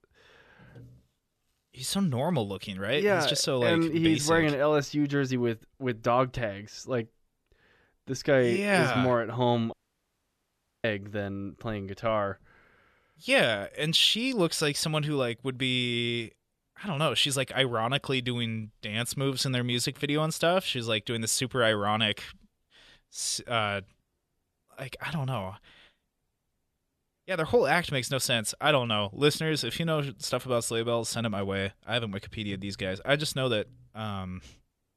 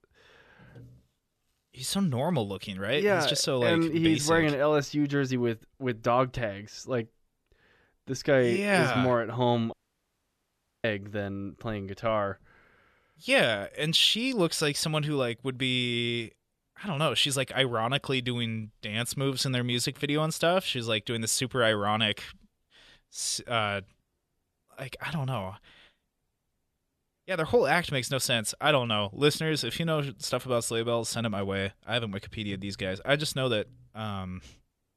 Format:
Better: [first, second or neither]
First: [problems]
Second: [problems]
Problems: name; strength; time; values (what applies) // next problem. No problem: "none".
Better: neither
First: audio cutting out; at 9.5 s for 1 s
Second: audio cutting out; at 9.5 s for 1 s